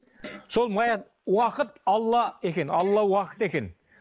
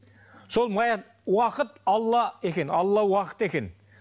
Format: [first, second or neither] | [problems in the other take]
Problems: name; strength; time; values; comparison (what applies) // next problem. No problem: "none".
second | noise reduction (neural mask model Resemble Enhance denoiser)